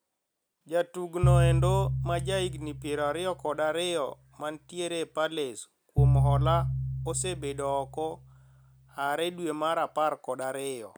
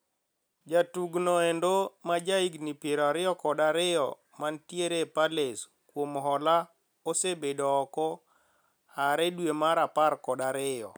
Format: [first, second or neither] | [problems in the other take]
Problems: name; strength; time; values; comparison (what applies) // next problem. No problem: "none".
second | background sound (Piano); 2 dB above the speech